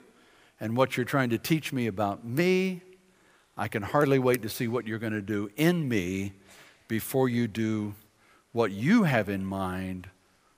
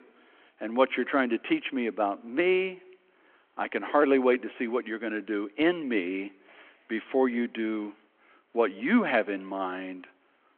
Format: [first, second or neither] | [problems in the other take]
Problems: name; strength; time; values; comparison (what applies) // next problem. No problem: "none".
first | phone-call audio